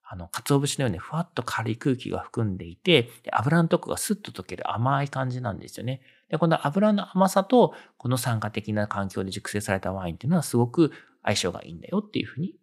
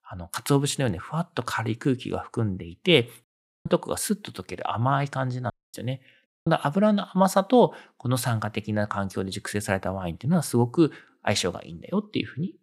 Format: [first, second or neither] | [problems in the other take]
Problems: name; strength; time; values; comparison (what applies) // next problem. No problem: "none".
first | audio cutting out; at 3 s, at 5.5 s and at 6.5 s